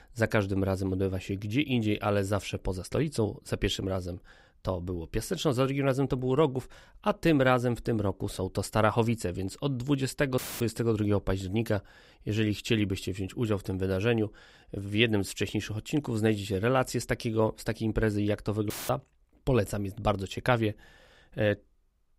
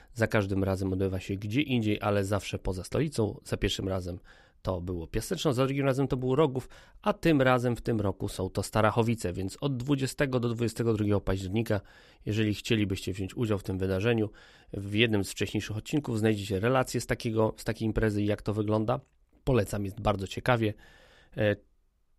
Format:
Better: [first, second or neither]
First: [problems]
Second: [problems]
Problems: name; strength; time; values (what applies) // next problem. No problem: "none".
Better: second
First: audio cutting out; filled with static; at 10 s and at 19 s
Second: none